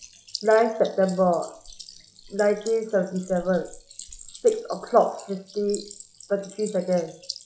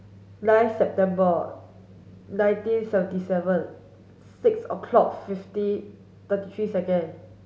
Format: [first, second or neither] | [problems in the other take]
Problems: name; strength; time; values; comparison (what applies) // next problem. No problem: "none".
second | noise reduction (classical method log-MMSE)